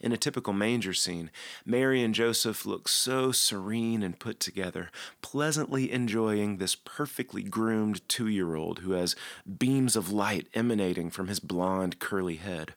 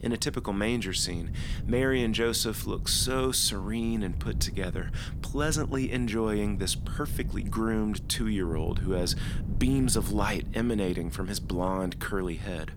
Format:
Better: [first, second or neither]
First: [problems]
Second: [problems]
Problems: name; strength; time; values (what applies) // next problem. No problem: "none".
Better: first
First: none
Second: wind noise on the microphone; occasional gusts; 20 dB below the speech